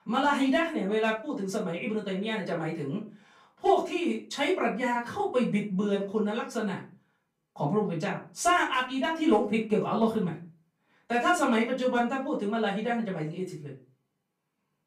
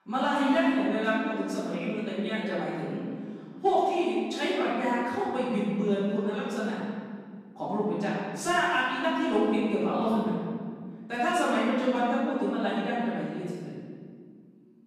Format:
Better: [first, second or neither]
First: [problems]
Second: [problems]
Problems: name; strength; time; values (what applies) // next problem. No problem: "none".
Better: first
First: room echo; slight; dies away in 0.3 s // off-mic speech; far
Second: room echo; strong; dies away in 2 s // off-mic speech; far